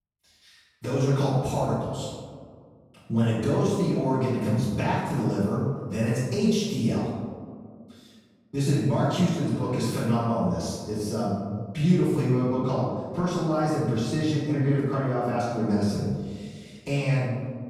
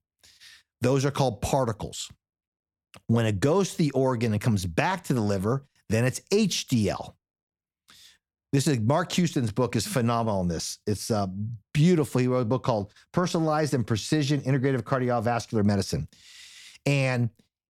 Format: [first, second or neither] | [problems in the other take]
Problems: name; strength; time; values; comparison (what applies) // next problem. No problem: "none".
second | off-mic speech; far // room echo; strong; dies away in 1.6 s